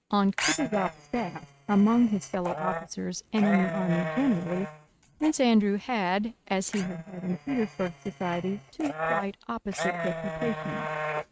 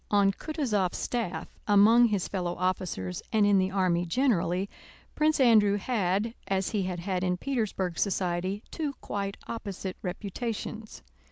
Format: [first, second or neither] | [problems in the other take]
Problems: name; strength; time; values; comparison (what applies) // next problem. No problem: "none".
second | noise reduction (neural mask model RNNoise)